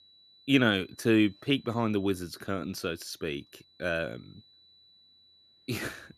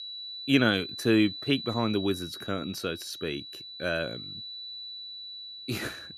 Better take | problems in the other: first | high-pitched whine; loud; throughout; 4 kHz, 10 dB below the speech; faint in the first

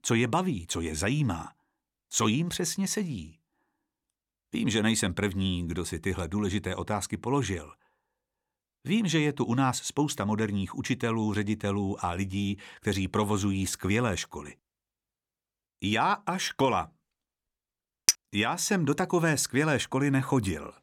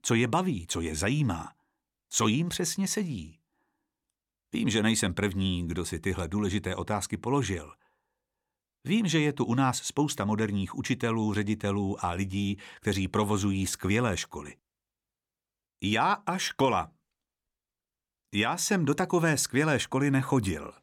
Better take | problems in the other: second | clattering dishes; very faint; at 18 s; peak 4 dB above the speech

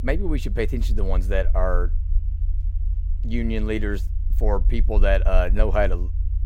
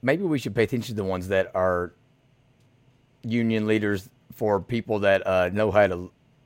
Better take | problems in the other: second | low rumble; faint; throughout; 20 dB below the speech

